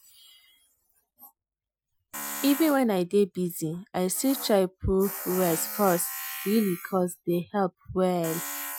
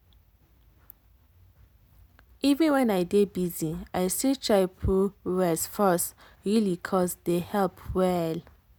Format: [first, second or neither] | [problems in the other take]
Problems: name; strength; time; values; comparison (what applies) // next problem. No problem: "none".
second | noise reduction (classical method Wiener filter)